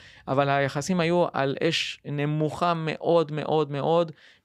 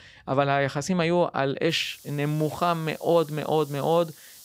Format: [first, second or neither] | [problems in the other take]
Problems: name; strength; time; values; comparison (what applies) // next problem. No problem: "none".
first | hiss; faint; from 1.5 s on; 20 dB below the speech